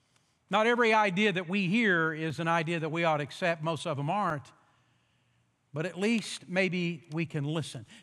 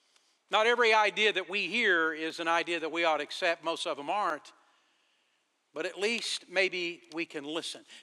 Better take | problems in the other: first | thin; somewhat; fading below 350 Hz

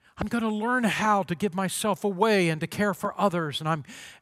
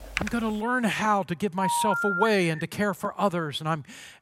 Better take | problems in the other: first | keyboard typing; noticeable; at the start; peak 6 dB below the speech // phone ringing; loud; from 1.5 to 2.5 s; peak level with the speech

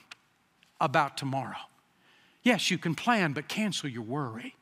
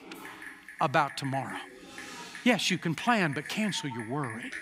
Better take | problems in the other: first | keyboard typing; noticeable; peak 10 dB below the speech

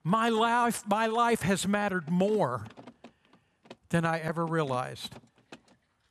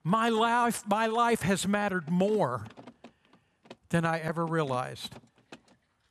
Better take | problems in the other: neither | machinery noise; faint; throughout; 25 dB below the speech; the same in both

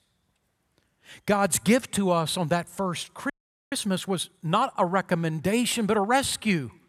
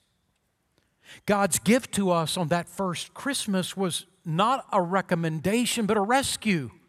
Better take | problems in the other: second | audio freezing; at 3.5 s

